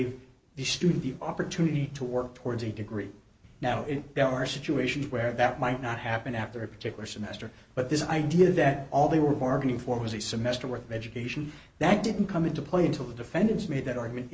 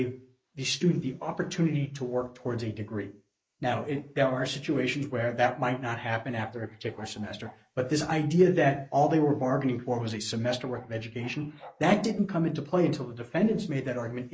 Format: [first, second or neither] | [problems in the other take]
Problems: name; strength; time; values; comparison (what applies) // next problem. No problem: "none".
first | noise reduction (neural mask model Resemble Enhance denoiser)